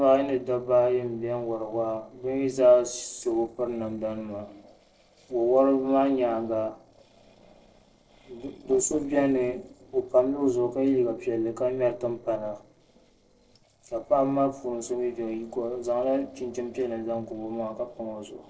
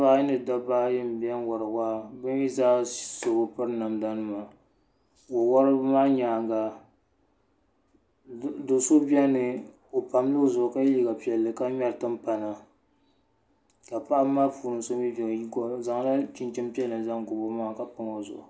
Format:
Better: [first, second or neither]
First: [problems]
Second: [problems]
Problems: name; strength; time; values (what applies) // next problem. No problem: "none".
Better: second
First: noise reduction (neural separator model SepFormer DNS4)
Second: none